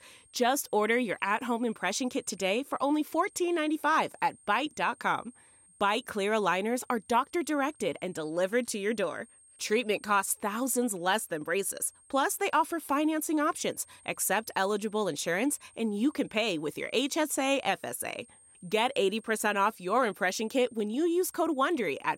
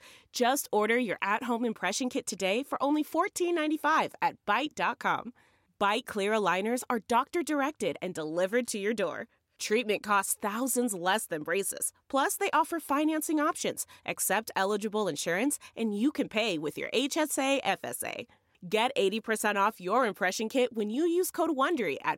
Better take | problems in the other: second | high-pitched whine; faint; throughout; 8.5 kHz, 25 dB below the speech

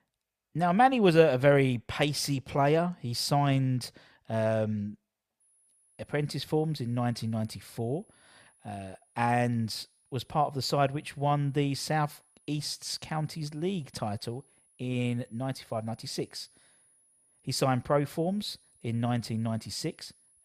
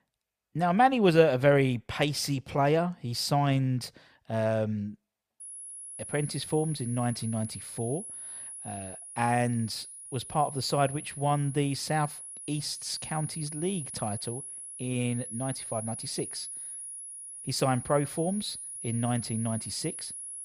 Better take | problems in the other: first | high-pitched whine; loud; from 5.5 s on; 10.5 kHz, 9 dB below the speech; faint in the first

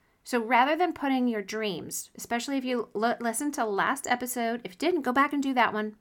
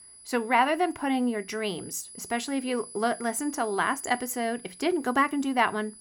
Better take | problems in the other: first | high-pitched whine; noticeable; throughout; 10 kHz, 15 dB below the speech

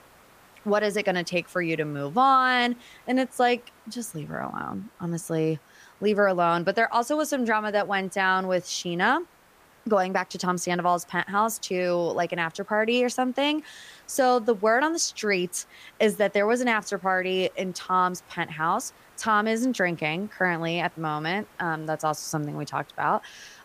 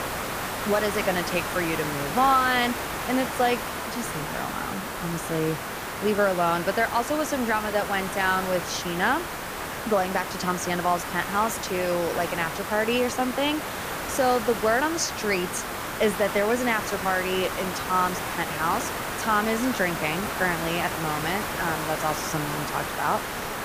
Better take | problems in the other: first | hiss; loud; throughout; 4 dB below the speech; faint in the first

